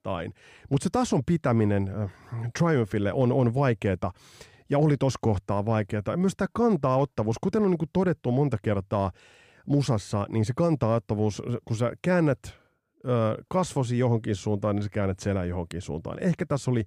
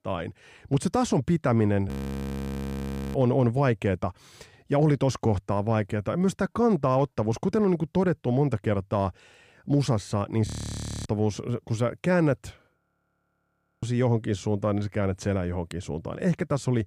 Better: first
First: none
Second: audio freezing; at 2 s for 1.5 s, at 10 s for 0.5 s and at 13 s for 1 s

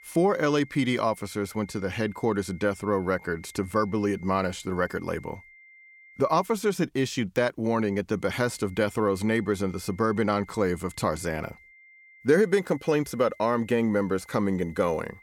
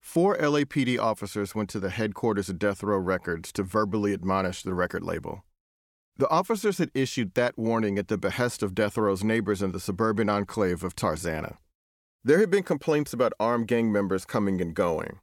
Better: second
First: high-pitched whine; faint; until 6.5 s and from 8.5 s on; 2 kHz, 25 dB below the speech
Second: none

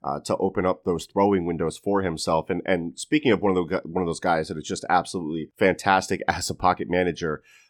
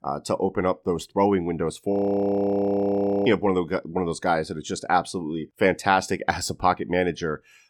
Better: first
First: none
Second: audio freezing; at 2 s for 1.5 s

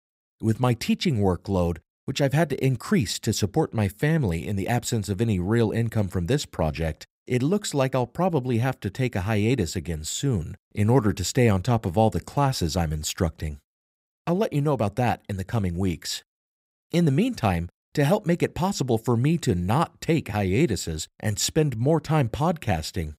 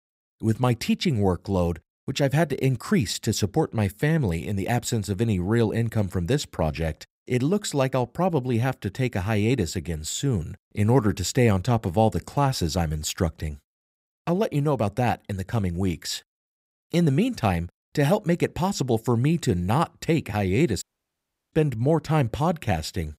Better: first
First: none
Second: audio cutting out; at 21 s for 0.5 s

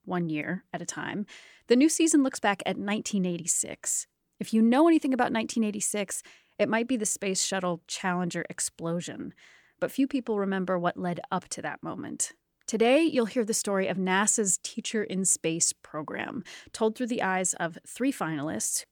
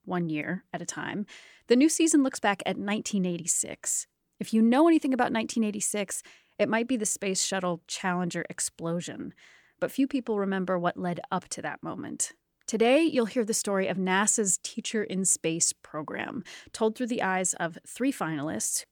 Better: neither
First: none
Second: none

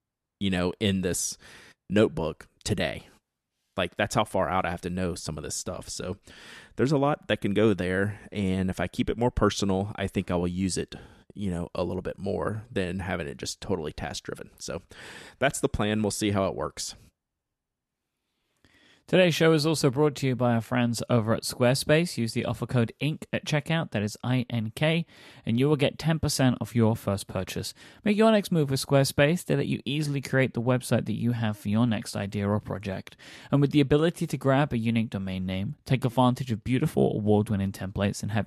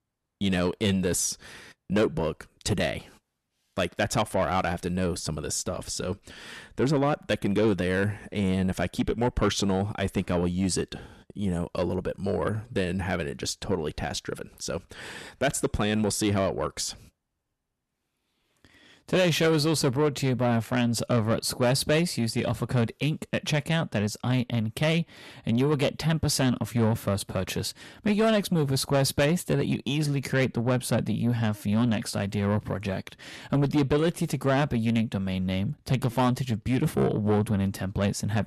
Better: first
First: none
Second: distortion; slight; 10 dB below the speech

